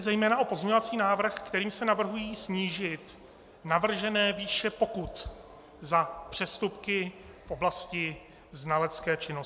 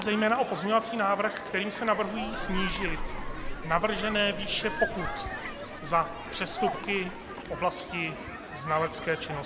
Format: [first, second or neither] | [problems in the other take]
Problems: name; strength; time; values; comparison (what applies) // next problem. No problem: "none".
first | background sound (Human group actions + Bird); 5 dB below the speech